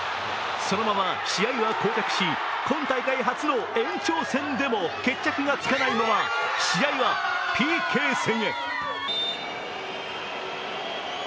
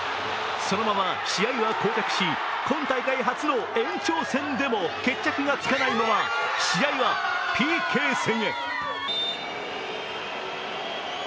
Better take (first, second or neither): first